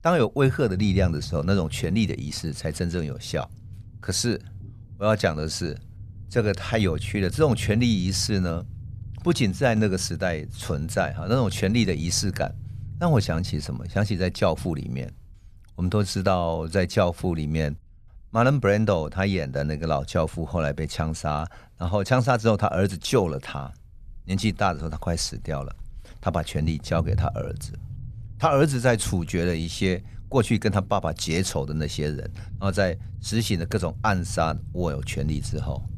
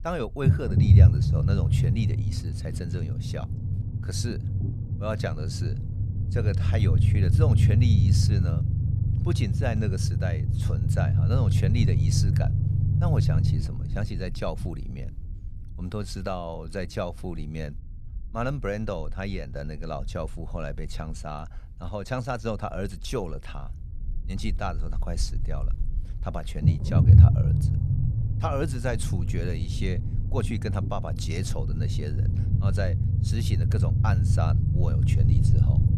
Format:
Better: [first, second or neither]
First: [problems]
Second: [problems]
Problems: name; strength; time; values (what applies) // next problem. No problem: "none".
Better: first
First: low rumble; faint; throughout; 25 dB below the speech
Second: low rumble; loud; throughout; 2 dB below the speech